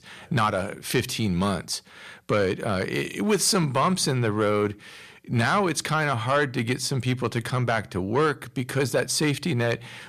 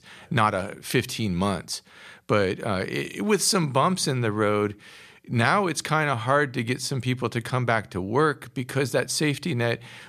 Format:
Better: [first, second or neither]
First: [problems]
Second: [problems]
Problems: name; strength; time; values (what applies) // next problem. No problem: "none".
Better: second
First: distortion; slight; 10 dB below the speech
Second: none